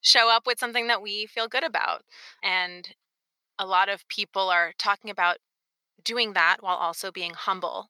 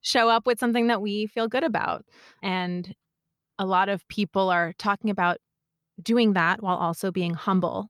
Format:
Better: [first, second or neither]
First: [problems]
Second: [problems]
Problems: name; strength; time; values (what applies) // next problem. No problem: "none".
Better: second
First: thin; very; fading below 700 Hz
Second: none